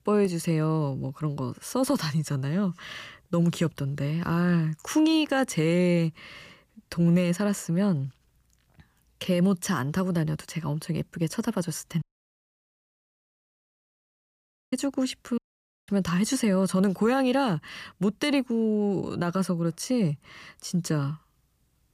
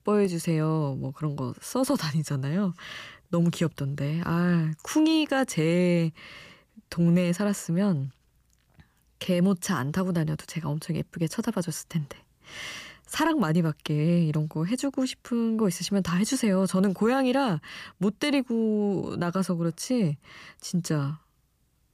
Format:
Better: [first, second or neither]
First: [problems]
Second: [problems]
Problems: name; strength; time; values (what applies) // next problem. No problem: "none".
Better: second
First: audio cutting out; at 12 s for 2.5 s and at 15 s for 0.5 s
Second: none